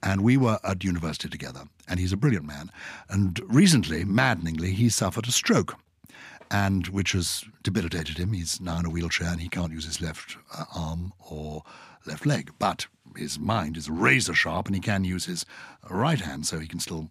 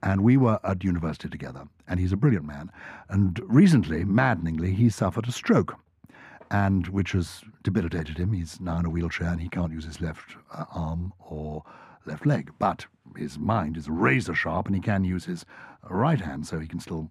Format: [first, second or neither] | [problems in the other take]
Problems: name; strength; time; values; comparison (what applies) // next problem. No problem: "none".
first | muffled; slightly; fading above 2.5 kHz